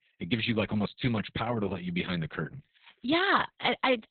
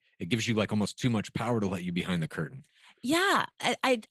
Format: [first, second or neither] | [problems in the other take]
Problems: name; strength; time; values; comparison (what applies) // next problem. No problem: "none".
second | garbled, watery; badly; nothing above 4 kHz; slightly in the second